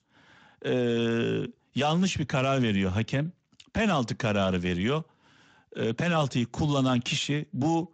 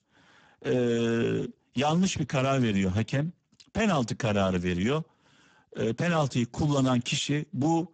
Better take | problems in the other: first | garbled, watery; badly; nothing above 8 kHz; slightly in the first

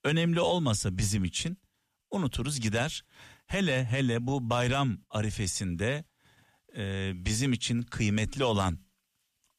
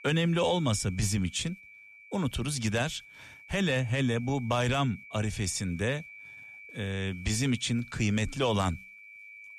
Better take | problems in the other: first | high-pitched whine; noticeable; throughout; 2.5 kHz, 15 dB below the speech

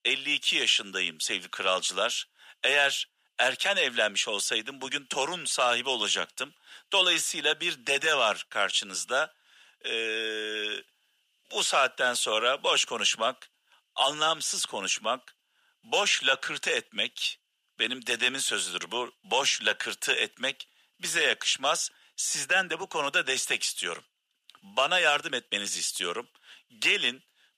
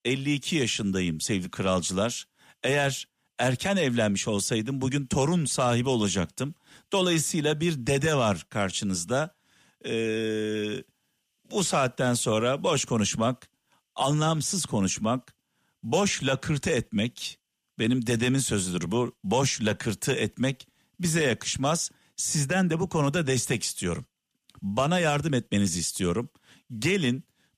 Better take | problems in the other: second | thin; very; fading below 650 Hz

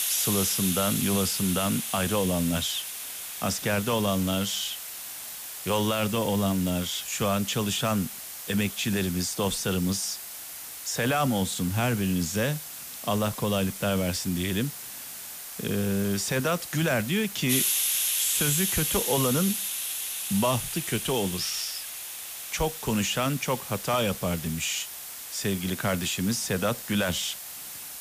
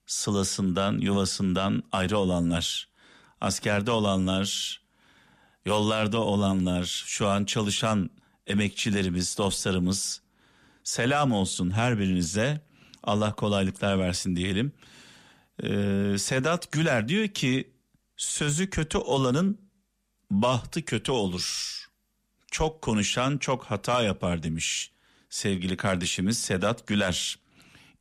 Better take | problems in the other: second | hiss; loud; throughout; 4 dB below the speech

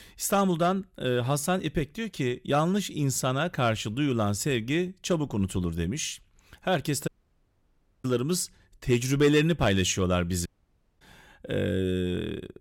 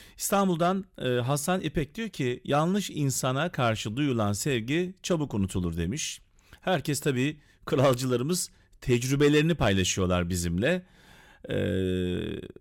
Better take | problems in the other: second | audio cutting out; at 7 s for 1 s and at 10 s for 0.5 s

